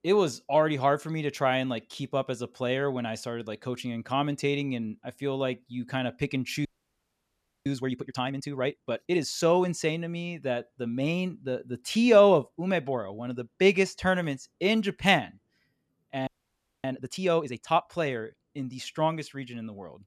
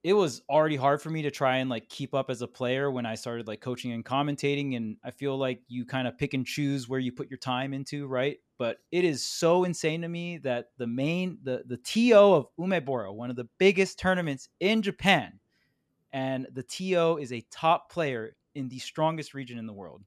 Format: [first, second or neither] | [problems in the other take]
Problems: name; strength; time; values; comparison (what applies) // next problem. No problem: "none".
second | audio freezing; at 6.5 s for 1 s and at 16 s for 0.5 s